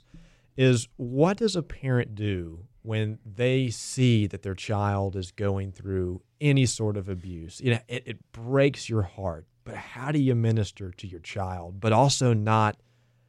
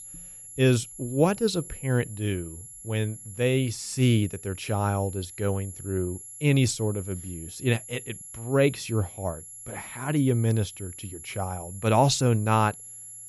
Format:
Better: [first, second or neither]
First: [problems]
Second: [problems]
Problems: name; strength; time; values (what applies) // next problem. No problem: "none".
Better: first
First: none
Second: high-pitched whine; noticeable; throughout; 11 kHz, 15 dB below the speech